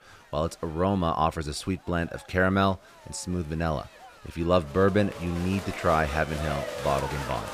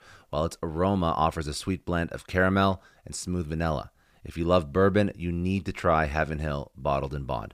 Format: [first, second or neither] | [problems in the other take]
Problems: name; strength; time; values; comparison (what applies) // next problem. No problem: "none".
second | crowd noise; noticeable; throughout; 10 dB below the speech